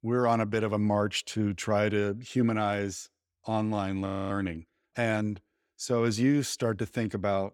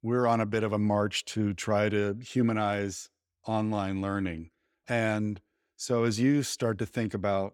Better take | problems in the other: second | audio freezing; at 4 s

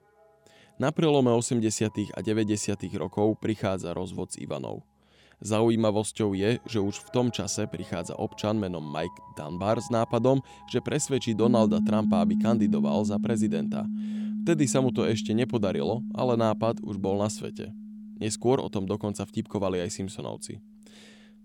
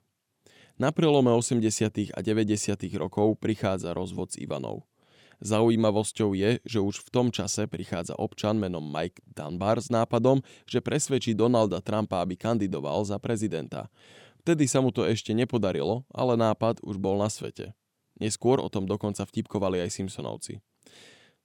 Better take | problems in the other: second | background music; loud; throughout; 2 dB below the speech

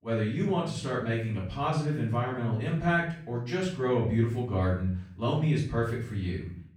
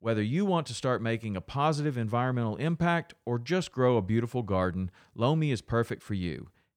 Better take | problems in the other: second | off-mic speech; far // room echo; noticeable; dies away in 0.6 s

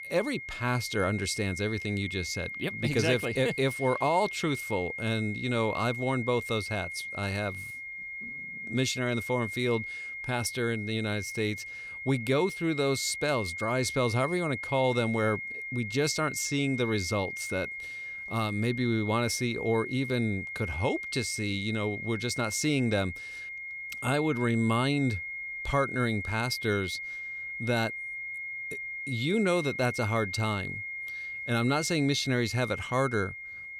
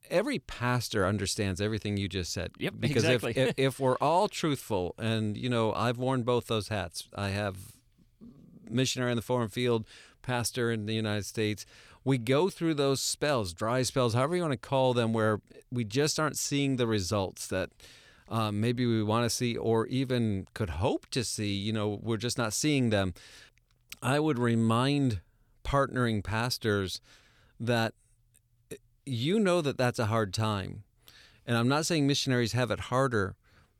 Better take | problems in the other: second | high-pitched whine; loud; throughout; 2 kHz, 6 dB below the speech

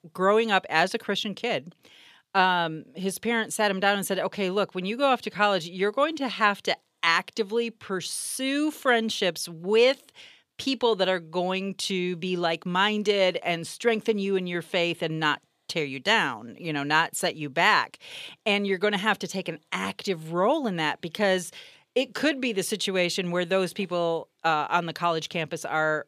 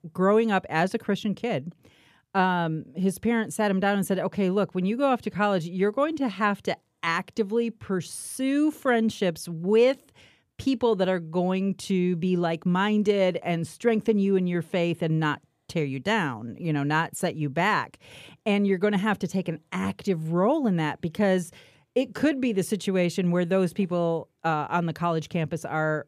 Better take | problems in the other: second | thin; very slightly; fading below 1 kHz

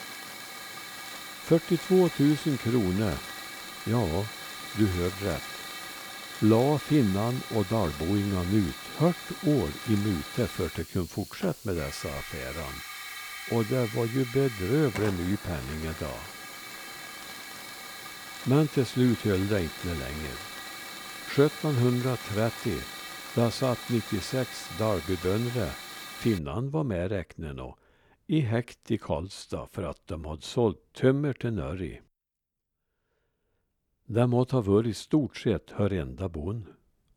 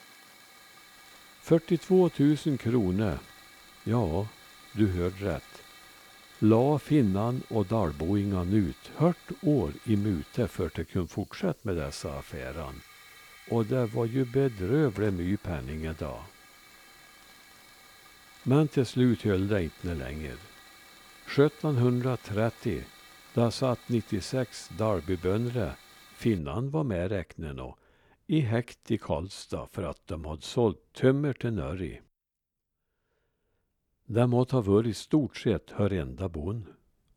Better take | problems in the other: second | hiss; loud; until 26 s; 10 dB below the speech; faint in the second

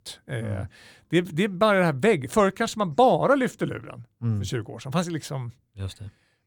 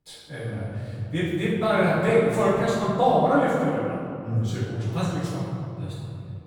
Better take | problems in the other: first | room echo; strong; dies away in 2.6 s // off-mic speech; far

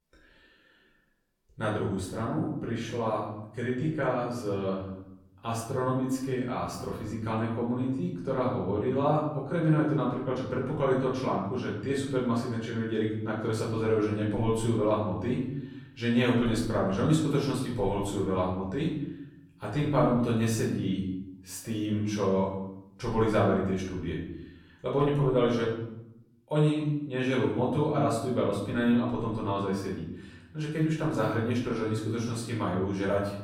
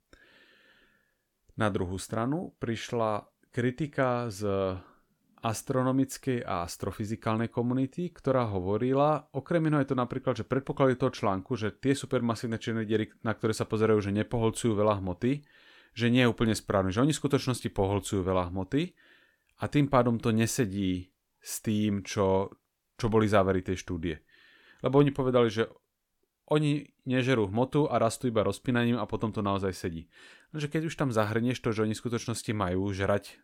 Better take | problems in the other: second | off-mic speech; far // room echo; noticeable; dies away in 0.9 s

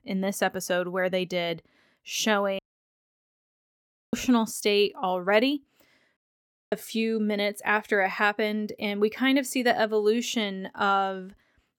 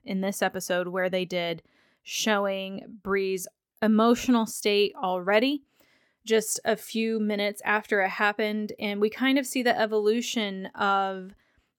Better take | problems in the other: second | audio cutting out; at 2.5 s for 1.5 s and at 6 s for 0.5 s

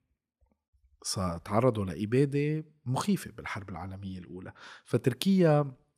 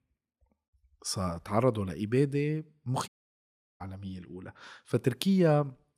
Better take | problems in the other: first | audio cutting out; at 3 s for 0.5 s

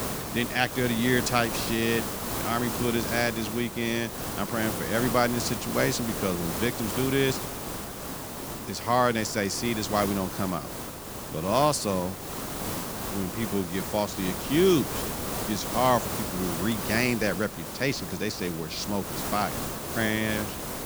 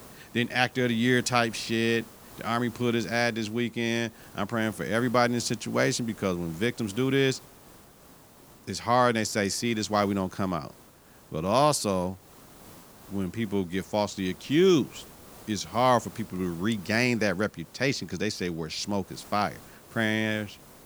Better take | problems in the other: second | hiss; loud; throughout; 5 dB below the speech; faint in the second

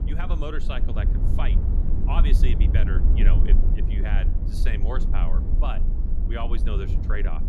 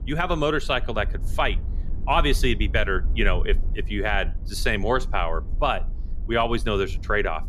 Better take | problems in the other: second | low rumble; loud; throughout; 5 dB below the speech; faint in the second

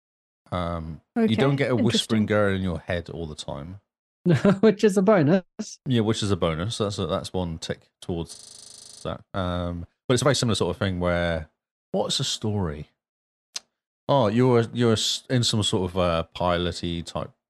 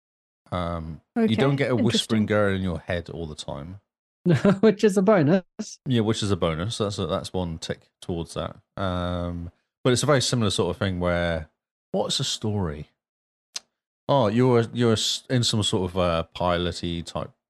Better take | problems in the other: second | audio freezing; at 8.5 s for 0.5 s

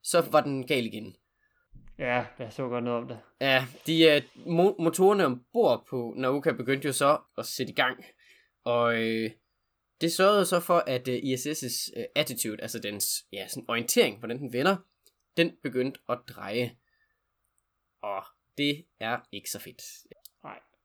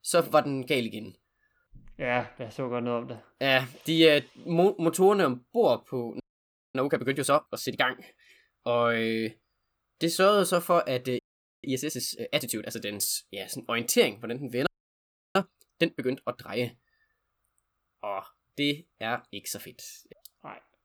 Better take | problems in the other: first | audio freezing; at 6 s for 0.5 s, at 11 s and at 15 s for 0.5 s

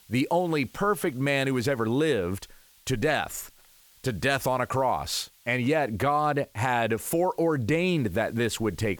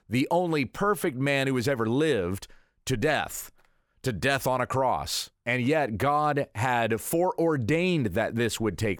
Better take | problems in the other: second | hiss; faint; throughout; 30 dB below the speech

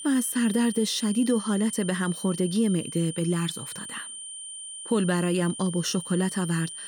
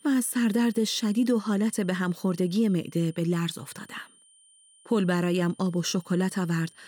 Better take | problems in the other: second | high-pitched whine; loud; throughout; 9 kHz, 10 dB below the speech; faint in the second

